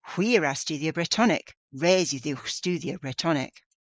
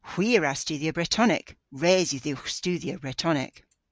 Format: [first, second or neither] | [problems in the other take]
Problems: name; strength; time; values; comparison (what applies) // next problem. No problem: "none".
second | noise reduction (neural mask model Resemble Enhance denoiser)